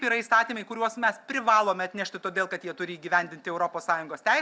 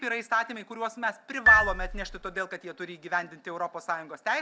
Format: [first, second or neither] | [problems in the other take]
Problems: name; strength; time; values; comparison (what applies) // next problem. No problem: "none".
first | background sound (Marimba, xylophone); 5 dB above the speech